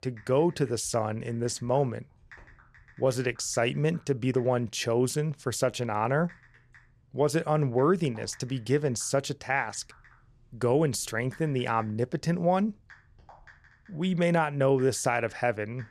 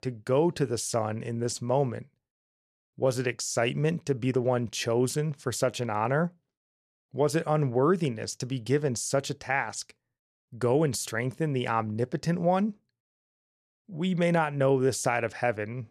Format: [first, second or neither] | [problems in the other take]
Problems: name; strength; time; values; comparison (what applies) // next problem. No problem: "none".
second | household noises; faint; throughout; 30 dB below the speech